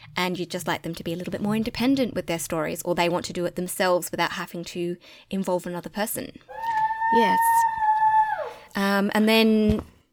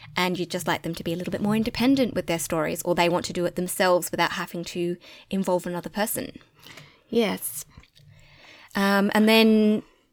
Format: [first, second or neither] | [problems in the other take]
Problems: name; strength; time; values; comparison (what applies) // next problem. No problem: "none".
second | dog barking; loud; from 6.5 to 8.5 s; peak 6 dB above the speech // footsteps; noticeable; at 9.5 s; peak 8 dB below the speech